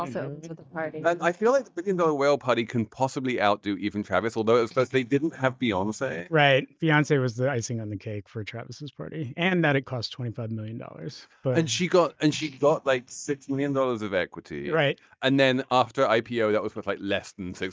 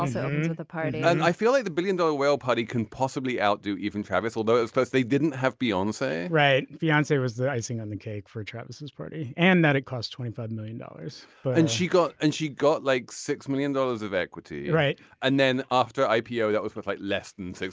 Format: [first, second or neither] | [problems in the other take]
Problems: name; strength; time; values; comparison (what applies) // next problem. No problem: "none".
second | noise reduction (neural mask model DeepFilterNet 3)